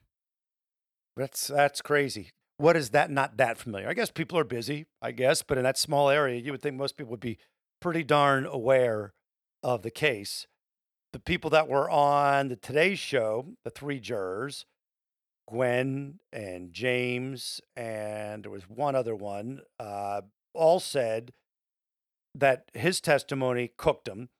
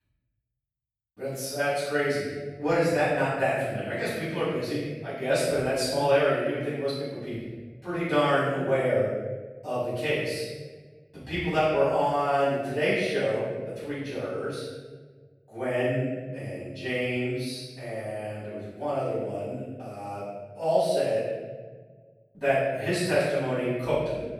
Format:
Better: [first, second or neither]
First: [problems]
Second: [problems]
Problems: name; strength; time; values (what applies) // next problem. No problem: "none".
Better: first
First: none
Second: off-mic speech; far // room echo; strong; dies away in 1.4 s